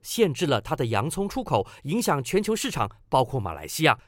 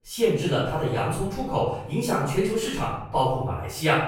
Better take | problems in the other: first | off-mic speech; far // room echo; noticeable; dies away in 0.7 s

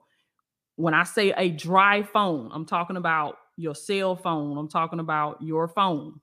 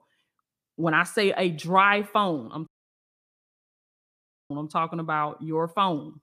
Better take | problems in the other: first | audio cutting out; at 2.5 s for 2 s

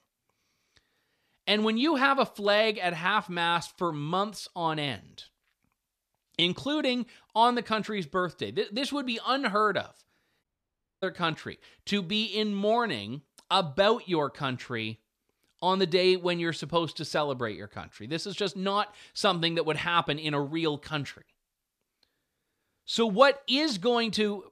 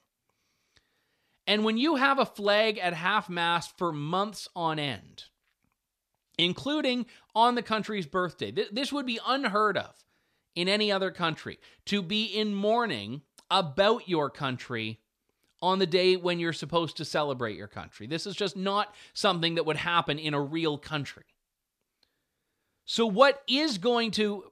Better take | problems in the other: second | audio cutting out; at 10 s for 0.5 s

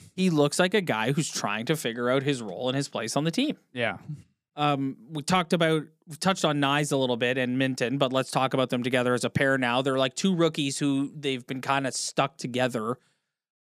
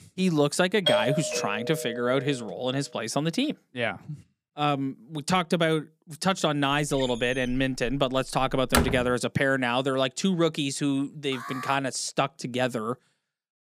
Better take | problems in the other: first | doorbell; loud; from 1 to 2 s; peak 2 dB above the speech // door banging; loud; from 7 to 9 s; peak 1 dB above the speech // alarm; noticeable; at 11 s; peak 10 dB below the speech

